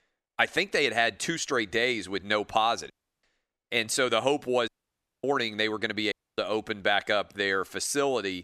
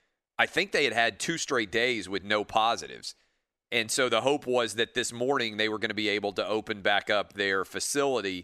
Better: second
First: audio cutting out; at 3 s, at 4.5 s for 0.5 s and at 6 s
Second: none

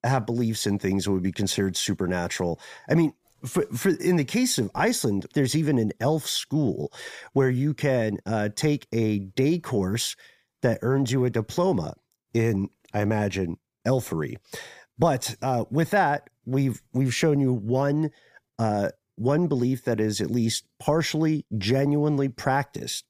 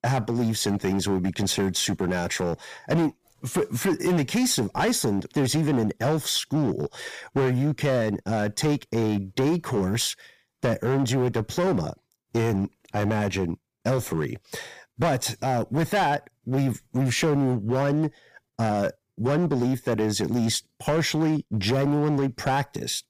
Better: first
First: none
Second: distortion; slight; 12% of the sound clipped

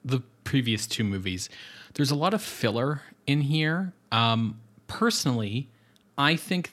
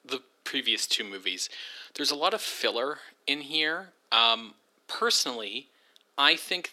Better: first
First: none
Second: thin; very; fading below 350 Hz

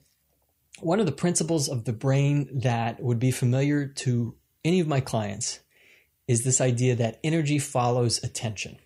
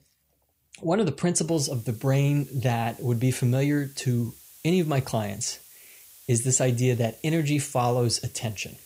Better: first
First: none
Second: hiss; faint; from 1.5 s on; 20 dB below the speech

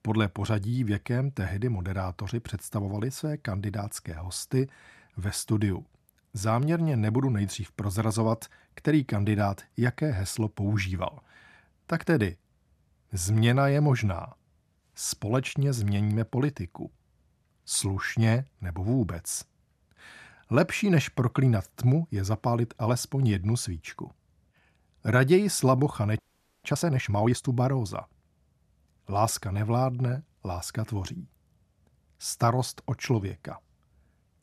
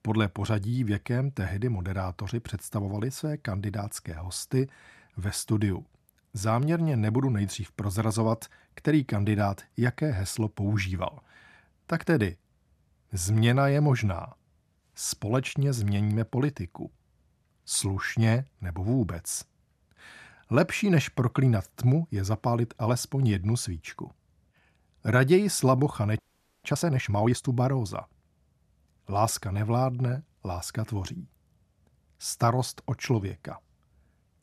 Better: neither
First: audio freezing; at 26 s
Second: audio freezing; at 26 s

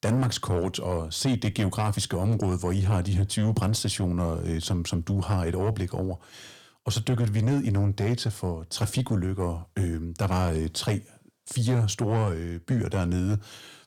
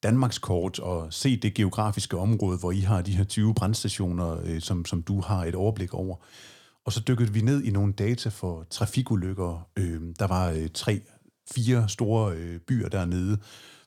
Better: second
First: distortion; slight; 10 dB below the speech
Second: none

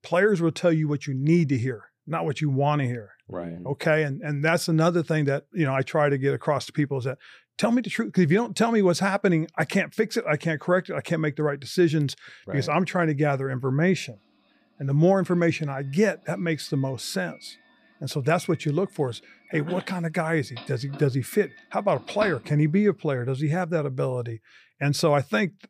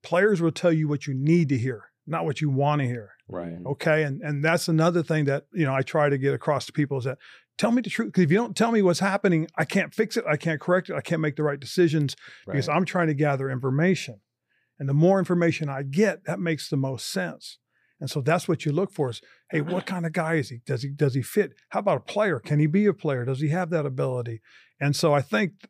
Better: second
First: doorbell; faint; from 20 to 22 s; peak 10 dB below the speech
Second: none

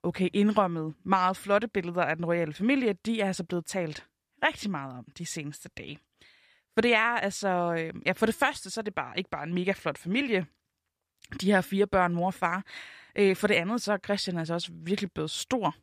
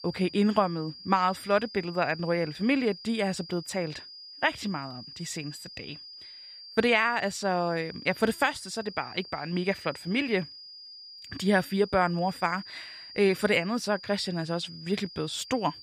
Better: first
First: none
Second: high-pitched whine; noticeable; throughout; 5 kHz, 15 dB below the speech

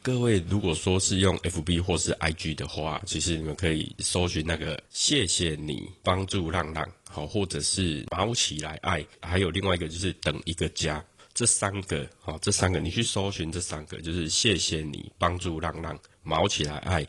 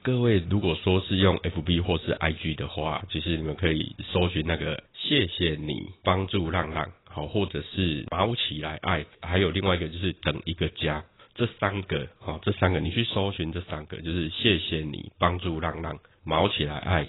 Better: first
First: garbled, watery; slightly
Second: garbled, watery; badly; nothing above 4 kHz

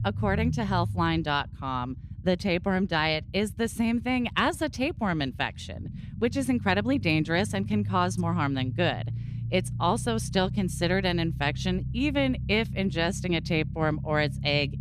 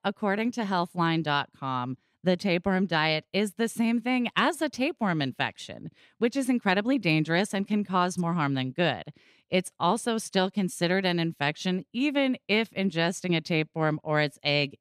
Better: second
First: low rumble; noticeable; throughout; 20 dB below the speech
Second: none

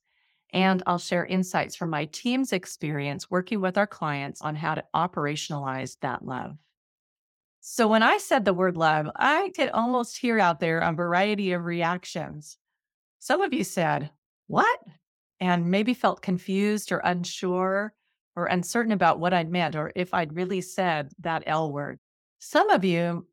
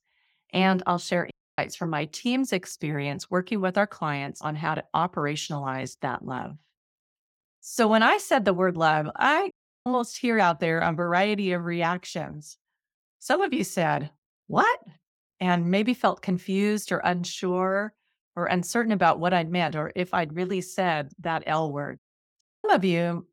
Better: first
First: none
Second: audio cutting out; at 1.5 s, at 9.5 s and at 22 s

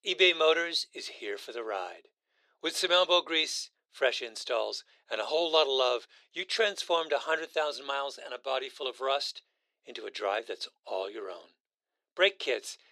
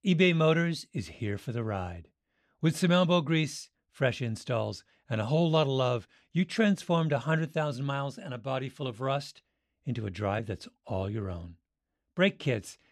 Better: second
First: thin; very; fading below 400 Hz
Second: none

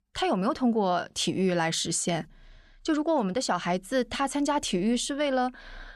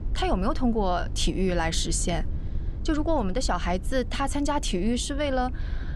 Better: first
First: none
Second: low rumble; faint; throughout; 20 dB below the speech

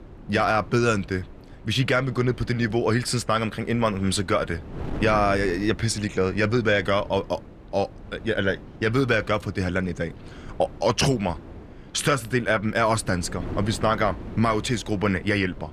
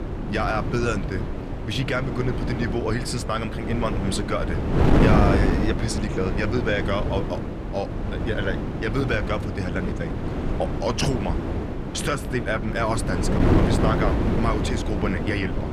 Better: first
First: wind noise on the microphone; occasional gusts; 20 dB below the speech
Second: wind noise on the microphone; heavy; 3 dB below the speech

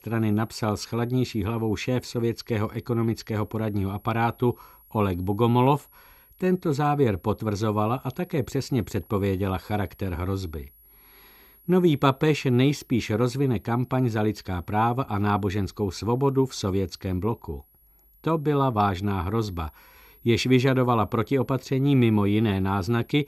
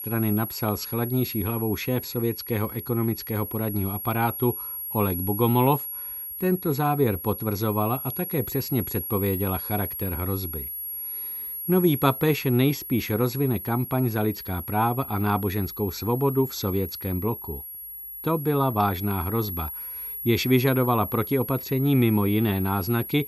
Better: first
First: high-pitched whine; faint; throughout; 11.5 kHz, 30 dB below the speech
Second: high-pitched whine; loud; throughout; 11.5 kHz, 7 dB below the speech

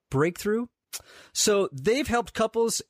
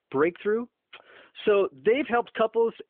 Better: first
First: none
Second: phone-call audio; nothing above 3.5 kHz

